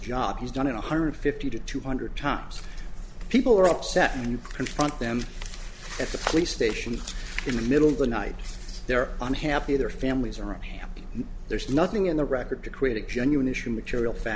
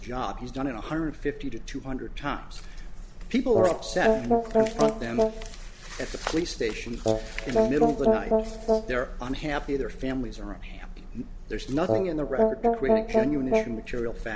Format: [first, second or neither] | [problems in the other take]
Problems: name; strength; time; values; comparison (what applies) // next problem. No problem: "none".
first | background sound (Brass instrument); 4 dB above the speech